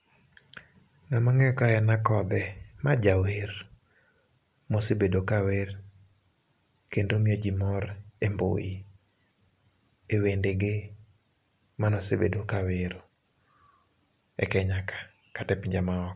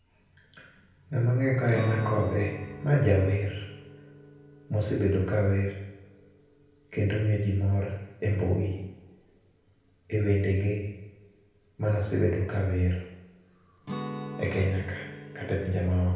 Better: first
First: none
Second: background sound (Guitar); 16 dB below the speech // room echo; dies away in 0.9 s

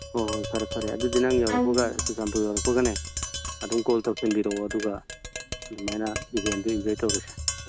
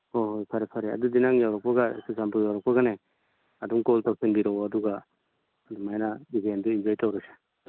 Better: second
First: background sound (Tap + Bowed string instrument); 5 dB below the speech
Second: none

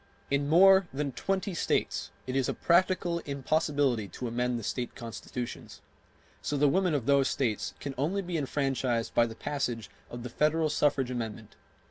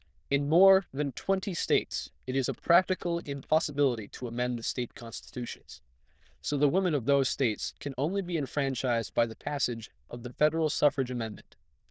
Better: first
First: none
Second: noise reduction (neural diffusion model UNIVERSE++)

